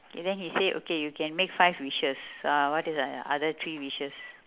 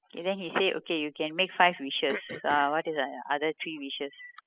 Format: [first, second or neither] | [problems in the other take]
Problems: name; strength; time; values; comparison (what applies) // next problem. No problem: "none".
first | noise reduction (classical method spectral subtraction)